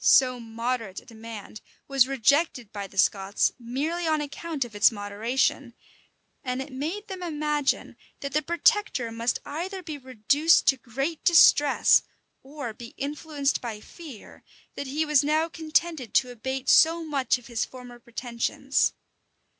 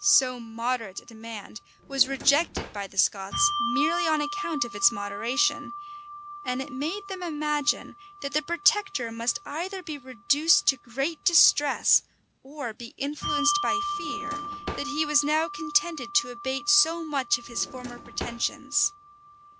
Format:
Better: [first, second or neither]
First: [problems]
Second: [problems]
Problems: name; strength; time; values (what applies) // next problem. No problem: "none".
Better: first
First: none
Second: background sound (Drawer open or close + Bell); 8 dB below the speech